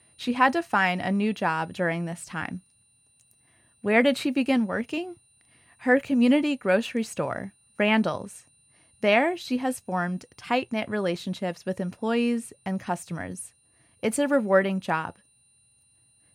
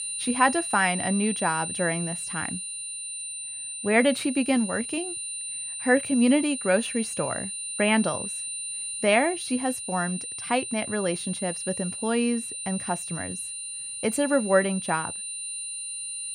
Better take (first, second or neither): first